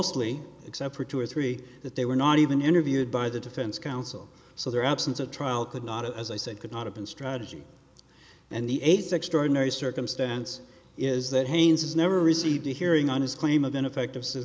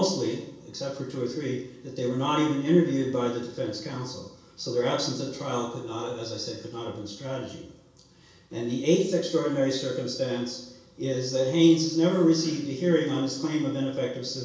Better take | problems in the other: first | room echo; dies away in 0.7 s

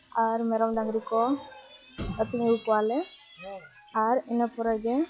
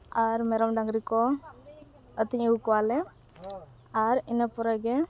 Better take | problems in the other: second | noise reduction (classical method log-MMSE)

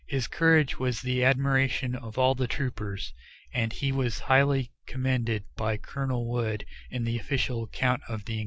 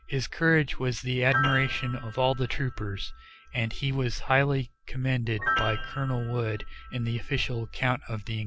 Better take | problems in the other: first | background sound (Piano); 9 dB below the speech

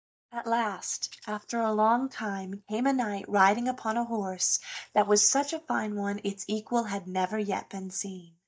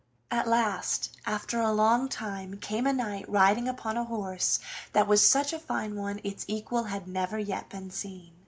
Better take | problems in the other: second | noise reduction (neural mask model DeepFilterNet 3)

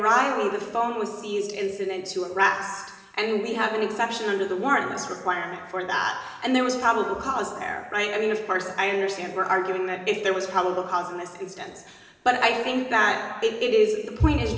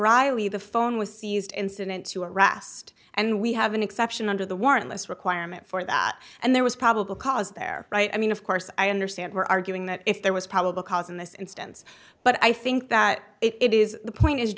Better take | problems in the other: second | room echo; dies away in 1.3 s

